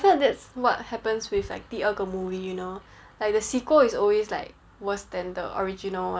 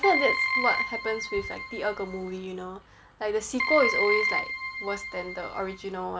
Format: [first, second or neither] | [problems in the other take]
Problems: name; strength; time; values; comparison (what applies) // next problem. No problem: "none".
first | background sound (Keyboard (musical)); as loud as the speech